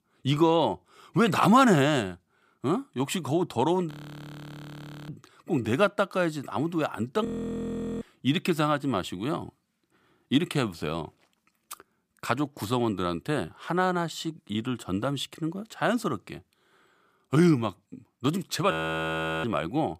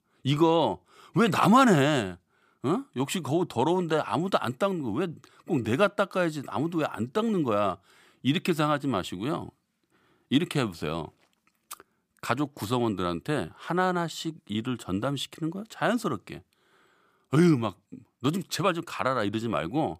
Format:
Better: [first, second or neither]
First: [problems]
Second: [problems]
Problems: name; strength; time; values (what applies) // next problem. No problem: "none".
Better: second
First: audio freezing; at 4 s for 1 s, at 7.5 s for 1 s and at 19 s for 0.5 s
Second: none